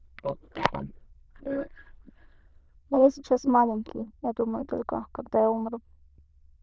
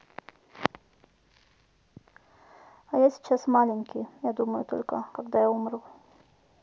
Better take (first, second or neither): second